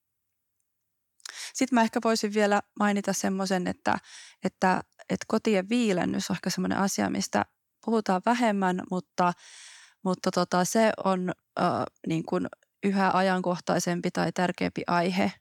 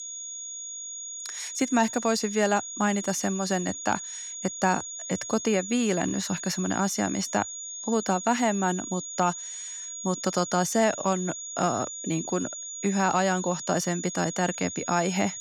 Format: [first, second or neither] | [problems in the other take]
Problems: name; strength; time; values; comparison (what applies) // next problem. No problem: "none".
first | high-pitched whine; loud; throughout; 6.5 kHz, 7 dB below the speech